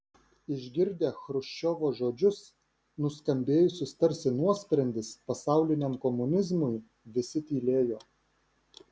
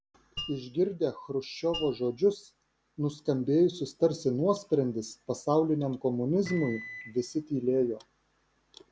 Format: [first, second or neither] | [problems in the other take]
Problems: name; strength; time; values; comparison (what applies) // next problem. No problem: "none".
first | background sound (Microwave oven + Mallet percussion); 14 dB below the speech